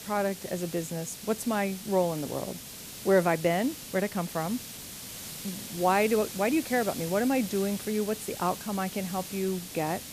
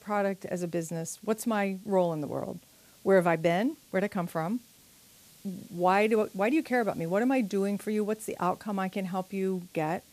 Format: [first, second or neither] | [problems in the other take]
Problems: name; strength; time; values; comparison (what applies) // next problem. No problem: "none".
second | hiss; loud; throughout; 10 dB below the speech; faint in the second